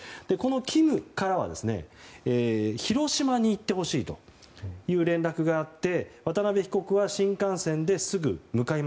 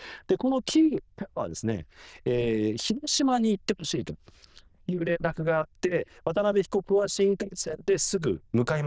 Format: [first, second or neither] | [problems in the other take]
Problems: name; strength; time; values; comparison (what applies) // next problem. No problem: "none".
first | noise reduction (neural diffusion model UNIVERSE++)